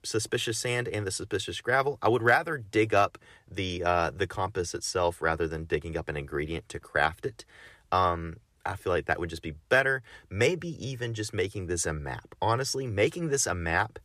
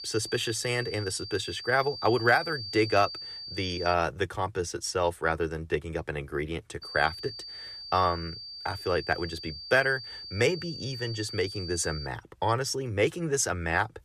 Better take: first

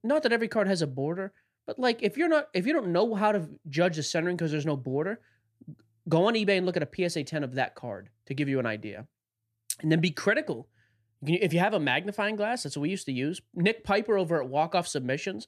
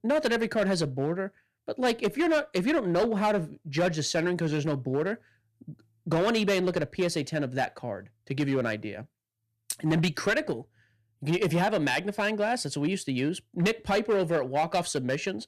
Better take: first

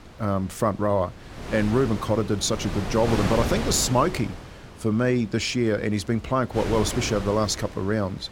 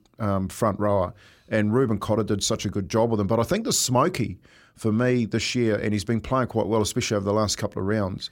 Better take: second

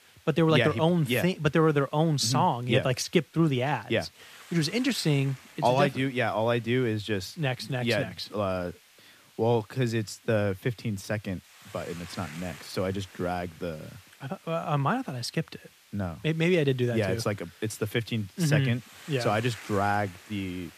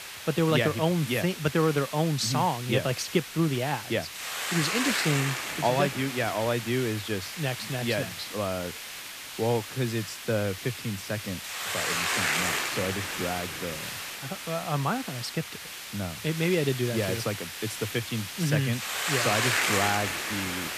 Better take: first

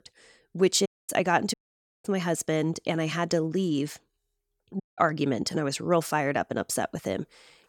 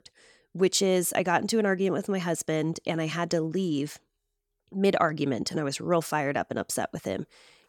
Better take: second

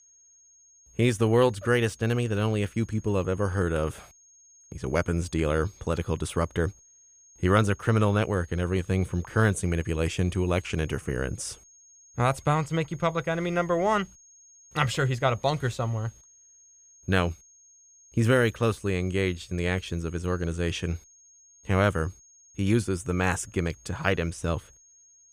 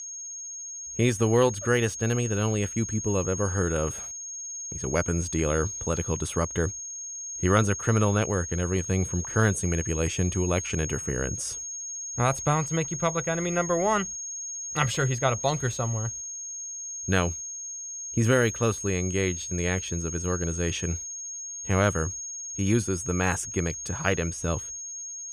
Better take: first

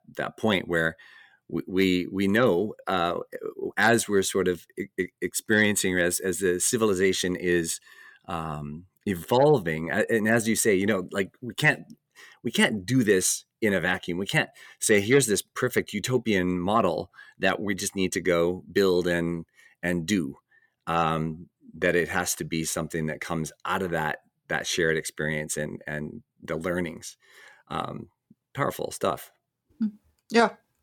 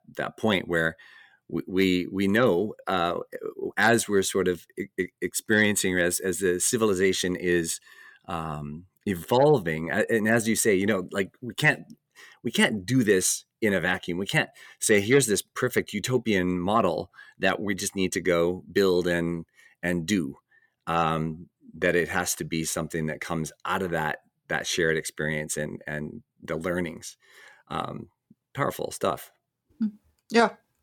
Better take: neither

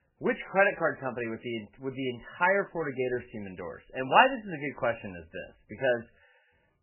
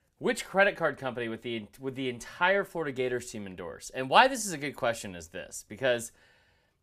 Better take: second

